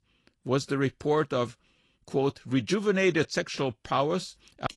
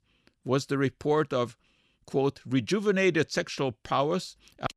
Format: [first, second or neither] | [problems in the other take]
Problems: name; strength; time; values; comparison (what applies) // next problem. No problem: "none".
second | garbled, watery; slightly; nothing above 11.5 kHz